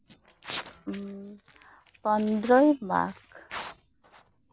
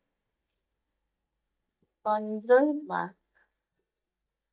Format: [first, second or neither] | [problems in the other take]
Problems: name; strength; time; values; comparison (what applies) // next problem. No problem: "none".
first | noise reduction (neural mask model DeepFilterNet 3)